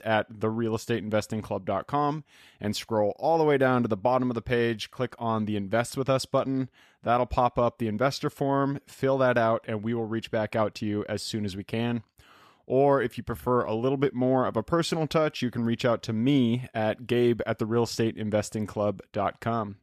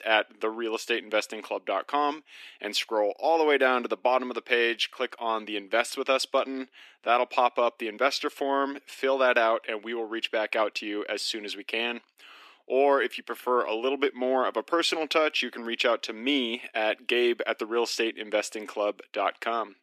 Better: first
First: none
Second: thin; somewhat; fading below 300 Hz

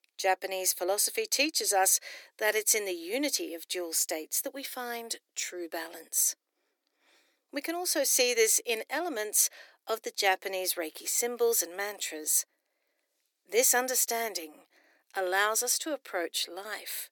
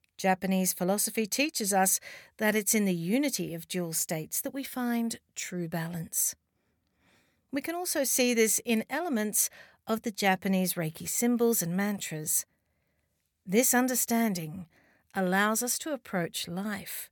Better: second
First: thin; very; fading below 300 Hz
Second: none

